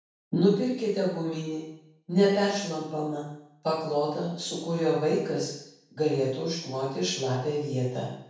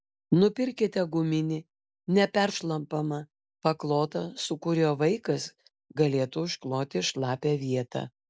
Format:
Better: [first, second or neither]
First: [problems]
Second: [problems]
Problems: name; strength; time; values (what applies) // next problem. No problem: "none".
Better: second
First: room echo; dies away in 0.7 s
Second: none